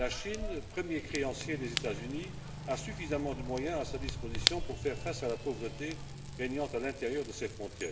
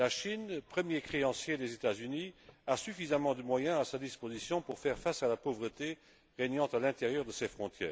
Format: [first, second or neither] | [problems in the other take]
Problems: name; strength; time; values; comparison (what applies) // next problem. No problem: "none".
second | background sound (Fire / Rain); 2 dB below the speech // room echo; dies away in 2.4 s